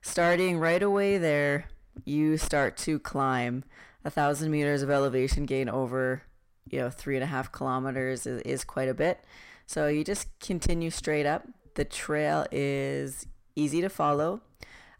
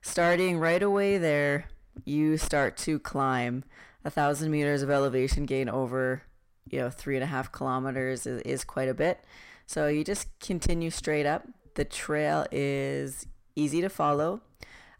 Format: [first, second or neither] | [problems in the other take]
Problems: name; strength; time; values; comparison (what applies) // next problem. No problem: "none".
neither | distortion; slight; 10 dB below the speech; the same in both